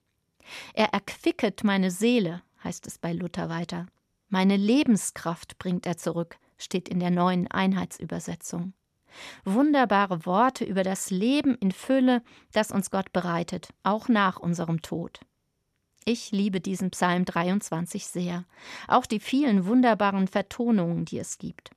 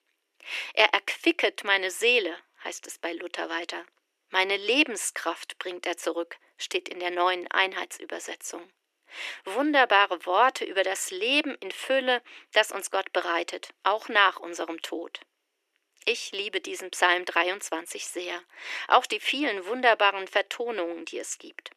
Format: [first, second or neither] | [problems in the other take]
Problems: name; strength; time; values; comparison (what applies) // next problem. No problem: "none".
first | thin; very; fading below 300 Hz